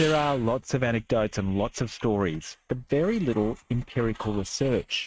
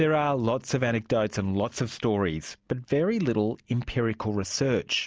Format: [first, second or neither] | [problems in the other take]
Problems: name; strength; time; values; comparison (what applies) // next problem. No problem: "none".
second | noise reduction (neural mask model RNNoise)